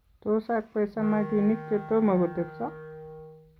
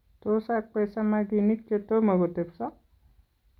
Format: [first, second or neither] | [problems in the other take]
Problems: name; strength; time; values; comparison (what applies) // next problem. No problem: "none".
second | background sound (Wind instrument, woodwind instrument); 14 dB below the speech